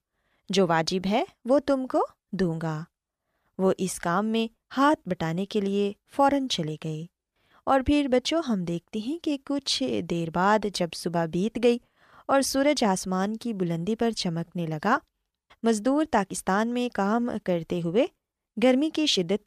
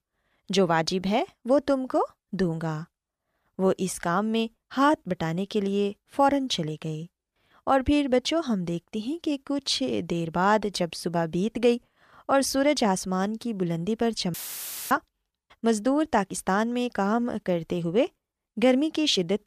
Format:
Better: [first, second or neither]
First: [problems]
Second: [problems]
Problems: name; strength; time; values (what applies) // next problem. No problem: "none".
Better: first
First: none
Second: audio cutting out; filled with static; at 14 s for 0.5 s